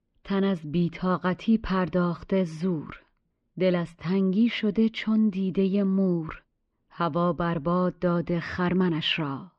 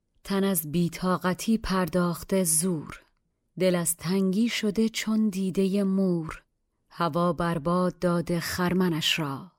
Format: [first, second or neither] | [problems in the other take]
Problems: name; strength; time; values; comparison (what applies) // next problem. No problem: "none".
second | muffled; slightly; fading above 3.5 kHz